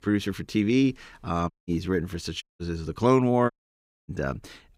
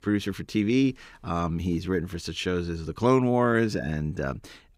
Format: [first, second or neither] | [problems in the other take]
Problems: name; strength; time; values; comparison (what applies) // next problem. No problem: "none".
second | audio cutting out; at 1.5 s, at 2.5 s and at 3.5 s for 0.5 s